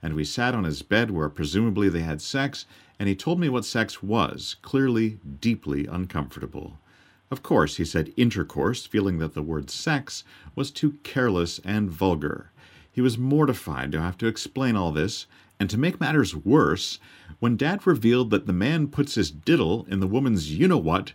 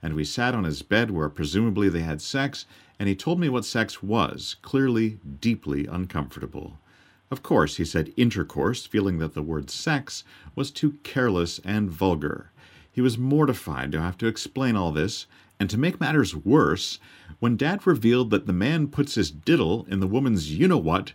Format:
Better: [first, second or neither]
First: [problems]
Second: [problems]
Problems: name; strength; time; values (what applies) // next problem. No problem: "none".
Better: neither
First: none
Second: none